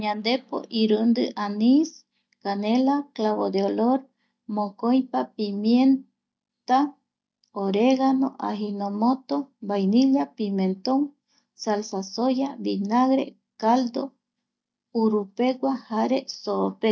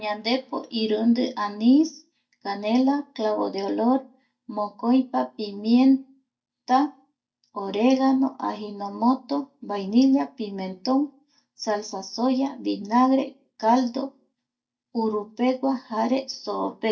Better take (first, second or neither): first